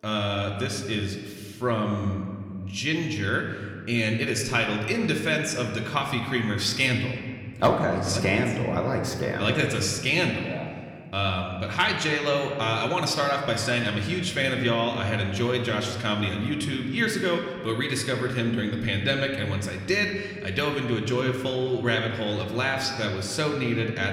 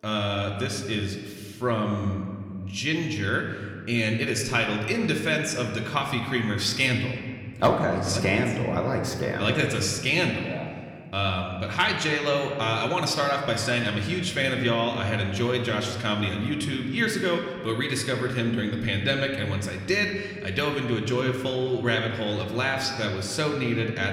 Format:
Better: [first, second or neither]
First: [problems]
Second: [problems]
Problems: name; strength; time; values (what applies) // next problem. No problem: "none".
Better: neither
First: room echo; slight; dies away in 1.7 s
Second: room echo; slight; dies away in 1.7 s